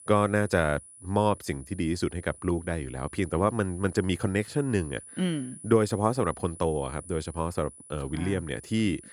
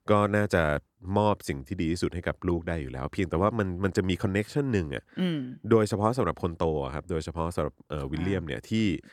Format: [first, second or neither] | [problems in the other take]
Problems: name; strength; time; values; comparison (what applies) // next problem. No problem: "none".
second | high-pitched whine; noticeable; throughout; 10 kHz, 15 dB below the speech